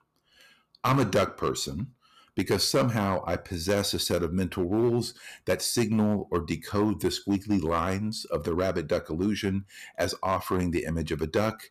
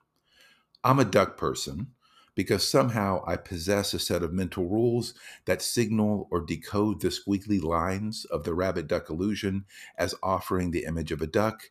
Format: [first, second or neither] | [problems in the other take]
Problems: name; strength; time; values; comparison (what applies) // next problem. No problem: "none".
second | distortion; slight; 3% of the sound clipped